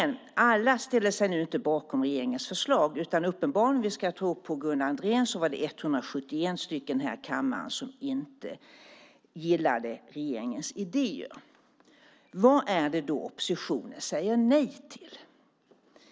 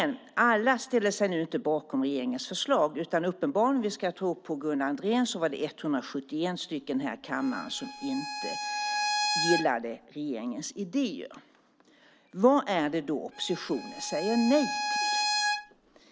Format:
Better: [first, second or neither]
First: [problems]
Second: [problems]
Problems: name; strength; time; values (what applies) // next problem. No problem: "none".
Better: first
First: none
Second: background sound (Bowed string instrument); 3 dB below the speech